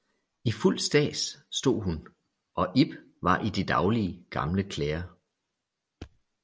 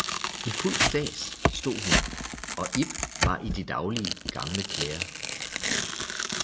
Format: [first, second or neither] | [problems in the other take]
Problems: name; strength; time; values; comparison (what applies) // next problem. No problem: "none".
first | background sound (Tearing); 3 dB above the speech